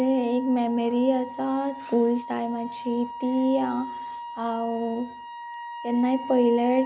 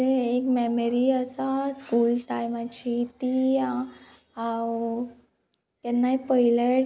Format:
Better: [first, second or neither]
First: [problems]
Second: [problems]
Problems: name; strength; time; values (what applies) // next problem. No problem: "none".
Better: second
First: background sound (Wind instrument, woodwind instrument); 12 dB below the speech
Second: none